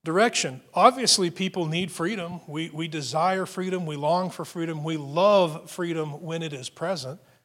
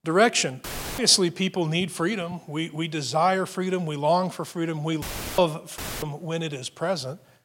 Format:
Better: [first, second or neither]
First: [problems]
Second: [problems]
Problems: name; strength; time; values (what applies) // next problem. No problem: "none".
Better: first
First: none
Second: audio cutting out; filled with static; at 0.5 s, at 5 s and at 6 s